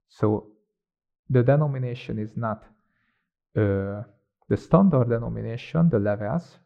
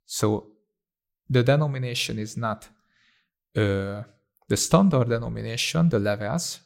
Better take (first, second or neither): second